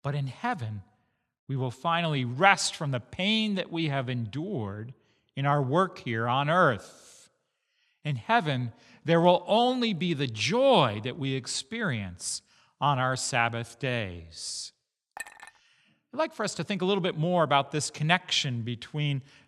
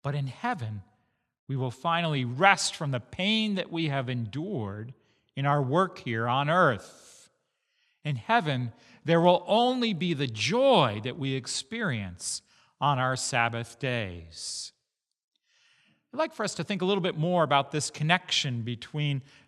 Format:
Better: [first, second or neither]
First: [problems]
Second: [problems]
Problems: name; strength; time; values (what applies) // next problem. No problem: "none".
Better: second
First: clattering dishes; faint; at 15 s; peak 15 dB below the speech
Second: none